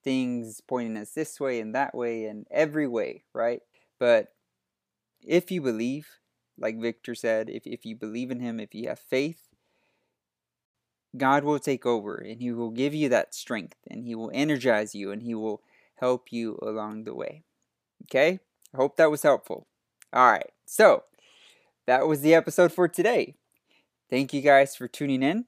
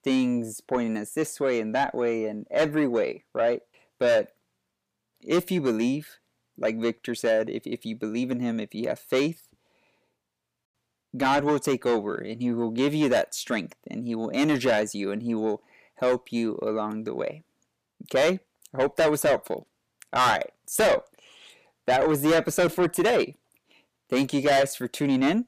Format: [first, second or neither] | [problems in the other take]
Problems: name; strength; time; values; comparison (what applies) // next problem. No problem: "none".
first | distortion; heavy; 6 dB below the speech